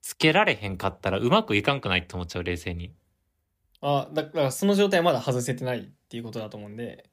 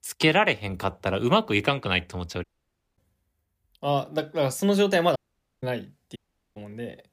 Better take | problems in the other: first | audio cutting out; at 2.5 s for 0.5 s, at 5 s and at 6 s

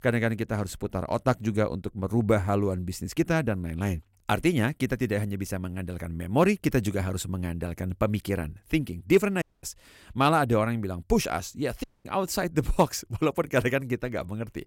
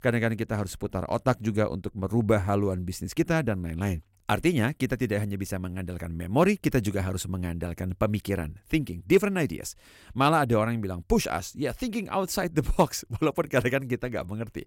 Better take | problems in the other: second | audio cutting out; at 9.5 s and at 12 s

